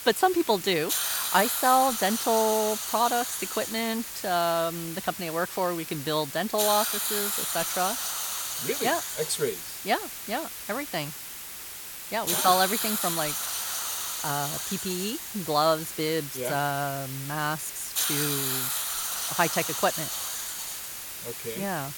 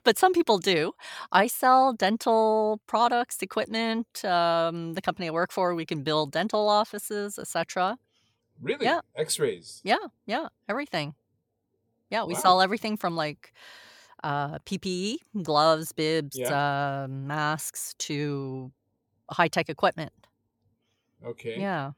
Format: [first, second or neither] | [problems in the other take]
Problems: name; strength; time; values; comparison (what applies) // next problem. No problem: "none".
second | hiss; loud; throughout; 2 dB below the speech